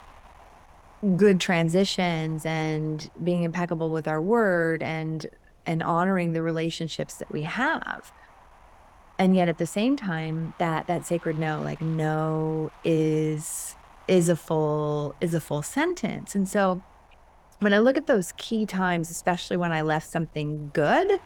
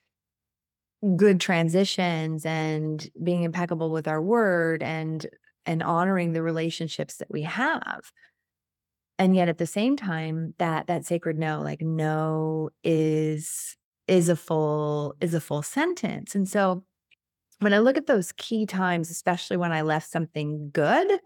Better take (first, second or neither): second